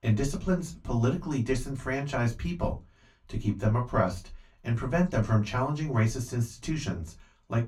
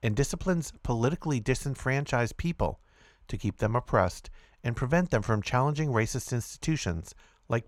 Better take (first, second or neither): second